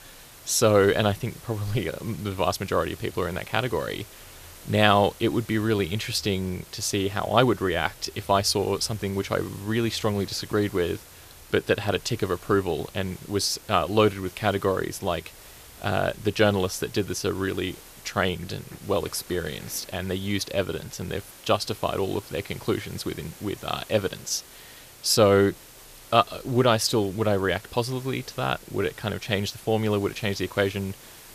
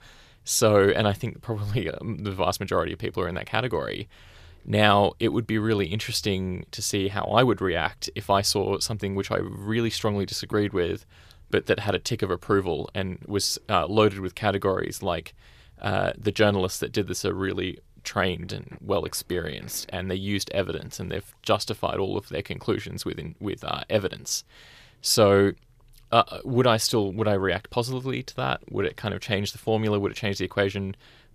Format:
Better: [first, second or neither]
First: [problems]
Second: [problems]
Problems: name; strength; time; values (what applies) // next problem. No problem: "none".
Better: second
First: hiss; noticeable; throughout; 20 dB below the speech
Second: none